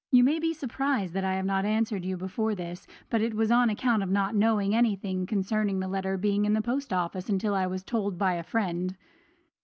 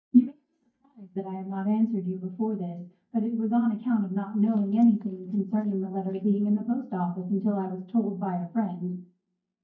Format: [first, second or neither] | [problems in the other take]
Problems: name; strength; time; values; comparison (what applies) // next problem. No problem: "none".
first | noise reduction (neural mask model DeepFilterNet 3)